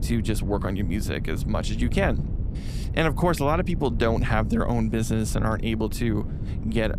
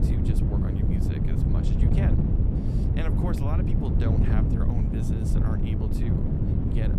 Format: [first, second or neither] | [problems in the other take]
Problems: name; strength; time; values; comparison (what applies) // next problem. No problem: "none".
first | wind noise on the microphone; heavy; 4 dB above the speech; occasional gusts in the first